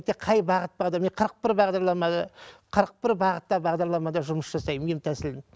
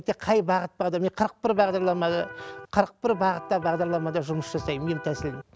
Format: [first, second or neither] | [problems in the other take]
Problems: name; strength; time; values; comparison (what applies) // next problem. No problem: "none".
first | background sound (Electric guitar); 14 dB below the speech